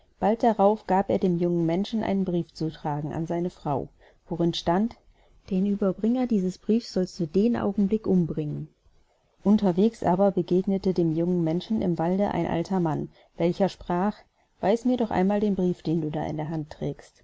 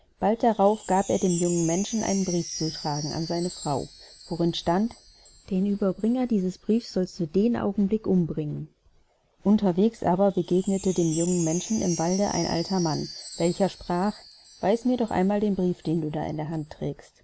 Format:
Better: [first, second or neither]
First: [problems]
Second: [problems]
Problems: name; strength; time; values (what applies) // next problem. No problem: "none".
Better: first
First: none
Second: background sound (Wind chime); 15 dB below the speech